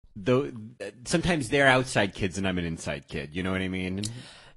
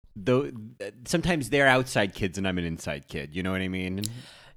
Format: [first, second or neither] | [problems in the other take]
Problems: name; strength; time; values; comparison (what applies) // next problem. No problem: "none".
second | garbled, watery; slightly; nothing above 11 kHz